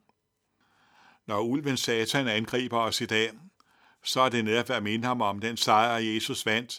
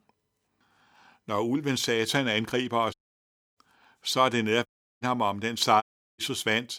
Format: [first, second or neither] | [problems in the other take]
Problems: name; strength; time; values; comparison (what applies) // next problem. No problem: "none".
first | audio cutting out; at 3 s for 0.5 s, at 4.5 s and at 6 s